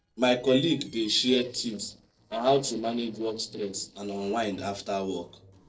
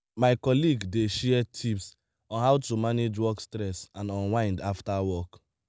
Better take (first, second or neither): second